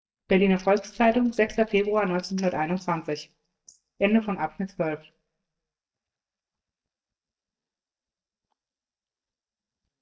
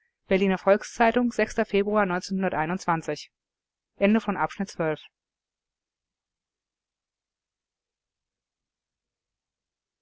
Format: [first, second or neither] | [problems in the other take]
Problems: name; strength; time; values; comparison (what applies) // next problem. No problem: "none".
second | noise reduction (neural mask model DeepFilterNet 3)